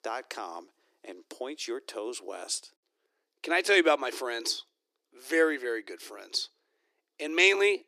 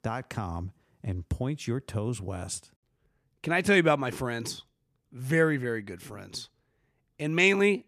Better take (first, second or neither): second